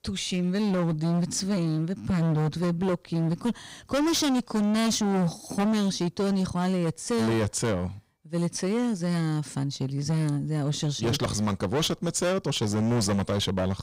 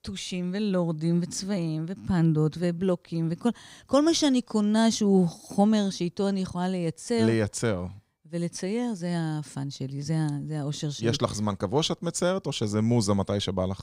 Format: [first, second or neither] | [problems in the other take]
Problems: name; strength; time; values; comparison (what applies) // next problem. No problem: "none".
second | distortion; heavy; 22% of the sound clipped